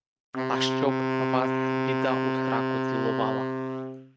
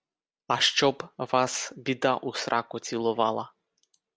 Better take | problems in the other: second | noise reduction (neural mask model RNNoise)

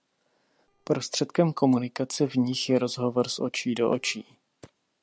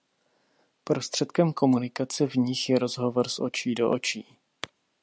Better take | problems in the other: second | noise reduction (neural separator model SepFormer DNS4)

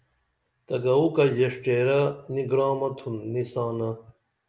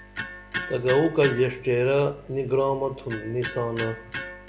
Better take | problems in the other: first | background sound (Electric guitar); 11 dB below the speech

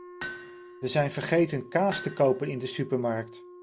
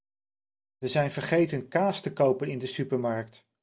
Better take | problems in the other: second | background sound (Hammer + Wind instrument, woodwind instrument); 15 dB below the speech

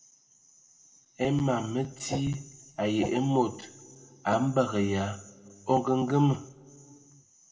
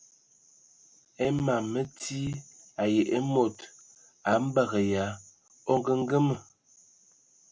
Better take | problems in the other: second | background sound (Whoosh, swoosh, swish); 8 dB below the speech // room echo; dies away in 1.3 s

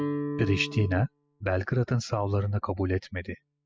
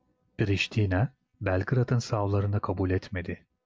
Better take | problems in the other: second | noise reduction (classical method spectral subtraction)

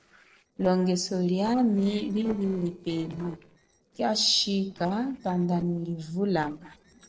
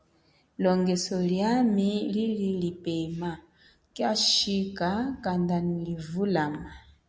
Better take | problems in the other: second | noise reduction (neural separator model SepFormer DNS4)

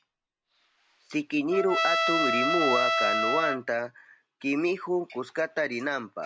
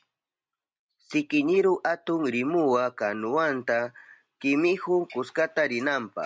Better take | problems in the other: second | background sound (Trumpet); 1 dB above the speech

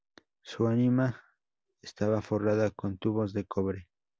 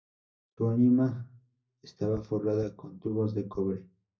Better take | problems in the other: first | noise reduction (neural mask model DeepFilterNet 3)

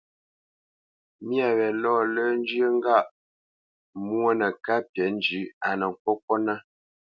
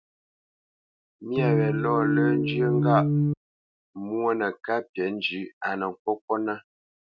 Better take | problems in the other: first | noise reduction (neural mask model RNNoise)

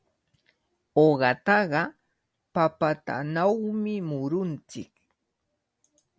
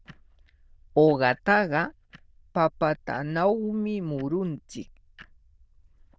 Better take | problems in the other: first | noise reduction (neural diffusion model UNIVERSE++)

